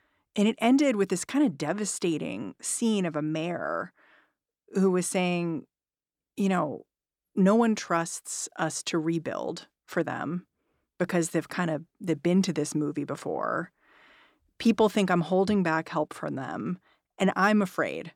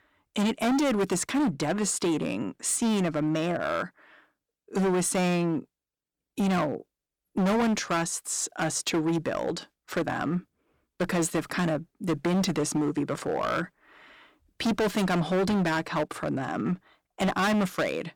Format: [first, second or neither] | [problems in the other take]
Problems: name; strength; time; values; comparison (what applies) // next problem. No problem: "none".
first | distortion; heavy; 15% of the sound clipped